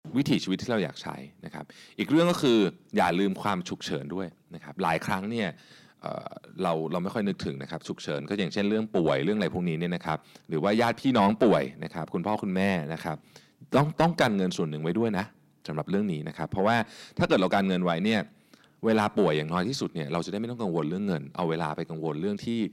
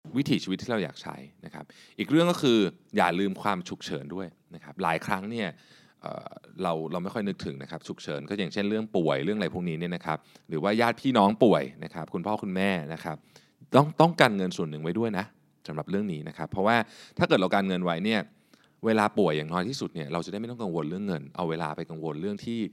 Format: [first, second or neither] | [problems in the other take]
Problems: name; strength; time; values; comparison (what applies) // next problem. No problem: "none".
second | distortion; slight; 10 dB below the speech